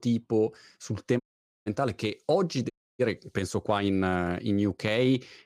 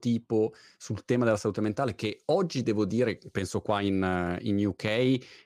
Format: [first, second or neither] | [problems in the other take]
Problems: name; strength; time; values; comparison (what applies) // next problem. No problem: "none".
second | audio cutting out; at 1 s and at 2.5 s